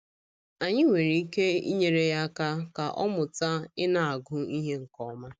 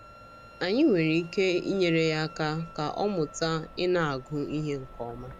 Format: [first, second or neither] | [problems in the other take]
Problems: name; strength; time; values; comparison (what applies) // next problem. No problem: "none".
first | background sound (Wind instrument, woodwind instrument + Accelerating, revving, vroom); 19 dB below the speech